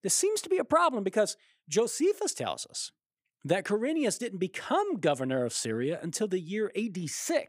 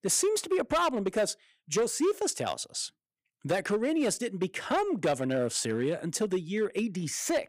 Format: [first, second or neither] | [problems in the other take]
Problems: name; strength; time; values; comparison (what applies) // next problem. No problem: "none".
first | distortion; slight; 7% of the sound clipped